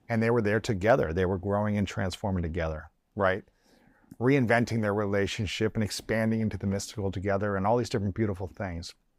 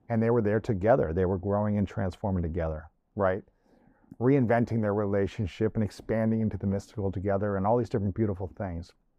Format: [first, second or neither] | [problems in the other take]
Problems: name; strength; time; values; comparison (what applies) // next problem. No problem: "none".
first | muffled; slightly; fading above 1.5 kHz